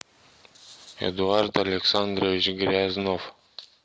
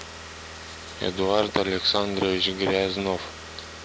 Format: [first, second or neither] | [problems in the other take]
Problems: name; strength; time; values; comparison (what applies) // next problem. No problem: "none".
first | background sound (Car); 13 dB below the speech